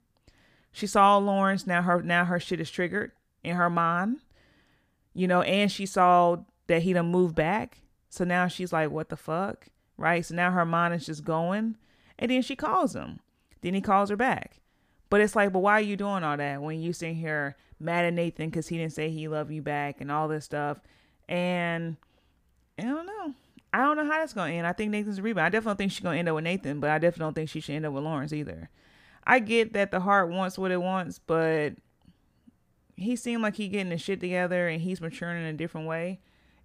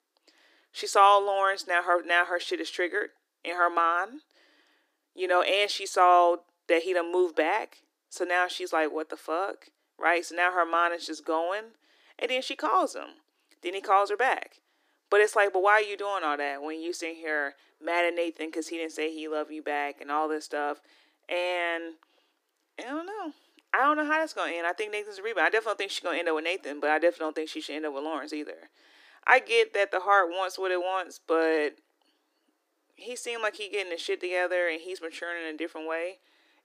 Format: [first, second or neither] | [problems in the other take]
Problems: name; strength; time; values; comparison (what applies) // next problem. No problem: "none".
first | thin; very; fading below 300 Hz